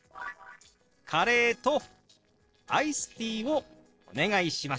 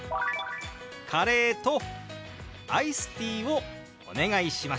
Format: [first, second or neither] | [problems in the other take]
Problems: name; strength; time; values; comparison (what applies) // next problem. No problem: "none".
second | noise reduction (neural separator model SepFormer DNS4)